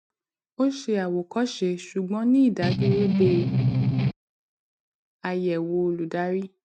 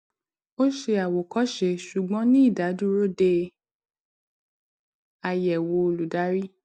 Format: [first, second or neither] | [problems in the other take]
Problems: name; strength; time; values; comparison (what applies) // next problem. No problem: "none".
second | noise reduction (neural mask model RNNoise)